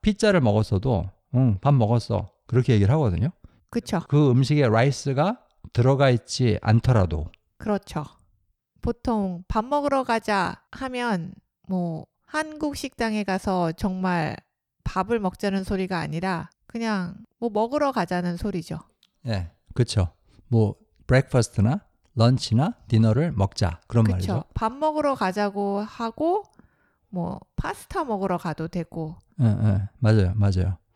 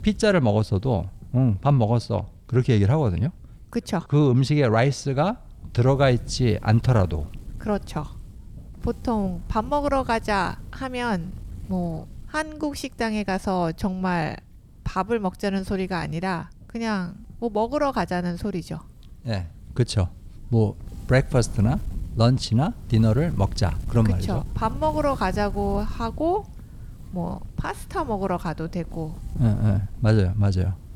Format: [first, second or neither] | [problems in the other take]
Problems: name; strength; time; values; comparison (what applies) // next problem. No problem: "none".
first | wind noise on the microphone; occasional gusts; 25 dB below the speech